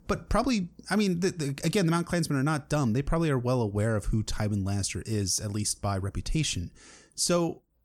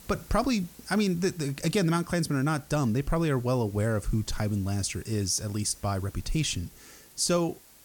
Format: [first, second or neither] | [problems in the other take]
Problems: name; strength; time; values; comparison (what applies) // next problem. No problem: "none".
first | hiss; faint; throughout; 25 dB below the speech